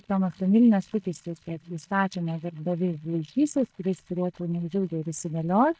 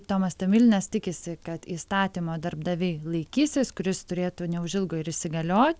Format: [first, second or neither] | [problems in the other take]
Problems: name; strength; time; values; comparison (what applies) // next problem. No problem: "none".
second | noise reduction (neural mask model DeepFilterNet 3)